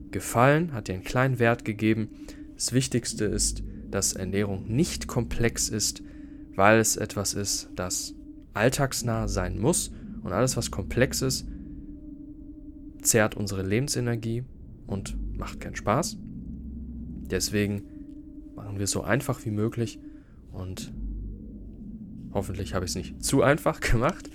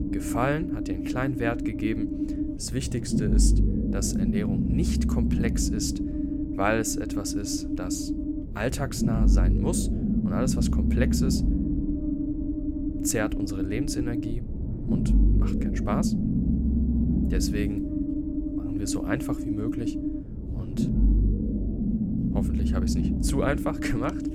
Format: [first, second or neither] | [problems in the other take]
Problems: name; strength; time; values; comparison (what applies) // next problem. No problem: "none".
first | low rumble; loud; throughout; 1 dB below the speech; faint in the first